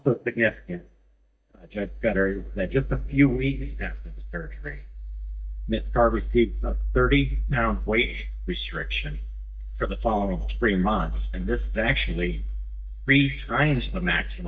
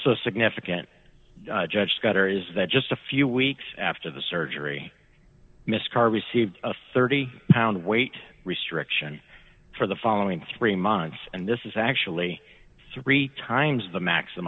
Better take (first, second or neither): second